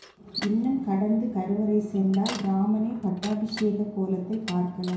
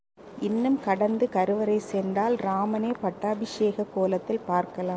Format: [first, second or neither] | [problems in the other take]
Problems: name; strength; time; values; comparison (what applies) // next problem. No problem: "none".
second | background sound (Bicycle); 16 dB below the speech // room echo; dies away in 0.6 s